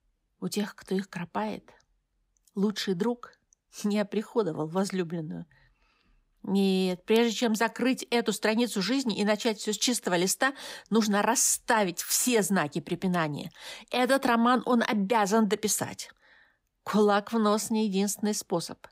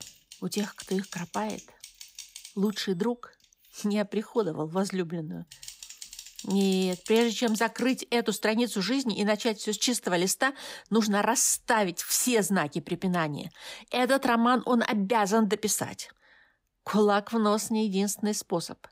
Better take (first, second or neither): first